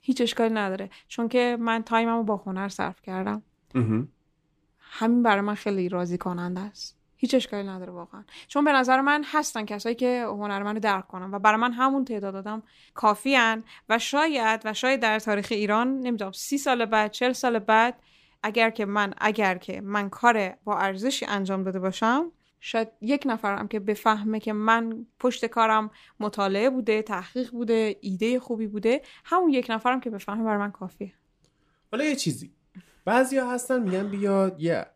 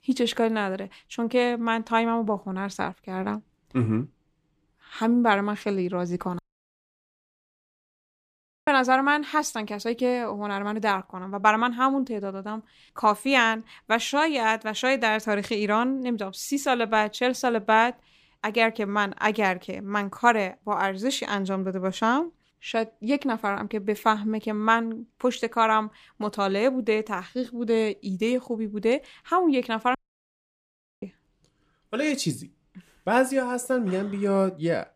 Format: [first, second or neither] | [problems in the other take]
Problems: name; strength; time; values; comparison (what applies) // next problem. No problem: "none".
first | audio cutting out; at 6.5 s for 2.5 s and at 30 s for 1 s